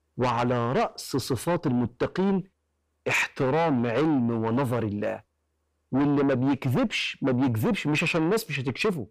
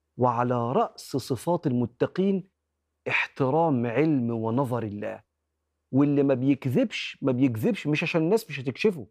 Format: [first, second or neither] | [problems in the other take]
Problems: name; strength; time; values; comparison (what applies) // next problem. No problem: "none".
second | distortion; heavy; 7 dB below the speech